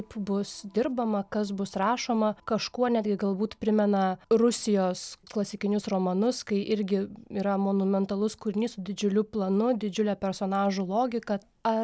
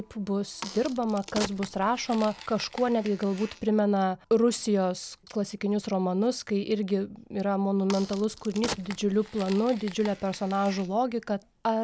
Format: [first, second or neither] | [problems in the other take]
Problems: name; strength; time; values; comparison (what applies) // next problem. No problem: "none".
first | background sound (Crack); 14 dB below the speech